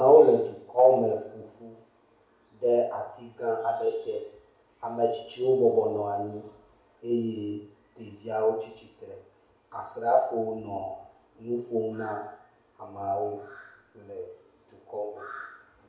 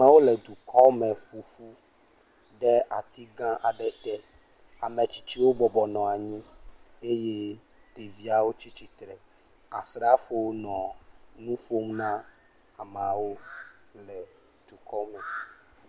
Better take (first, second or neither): second